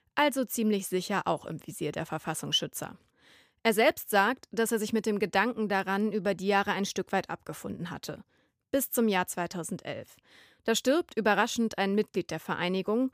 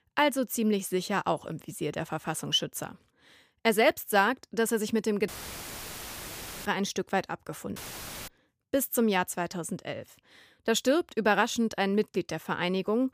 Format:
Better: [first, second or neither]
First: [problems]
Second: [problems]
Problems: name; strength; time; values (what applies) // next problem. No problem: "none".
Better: first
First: none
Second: audio cutting out; filled with static; at 5.5 s for 1.5 s and at 8 s for 0.5 s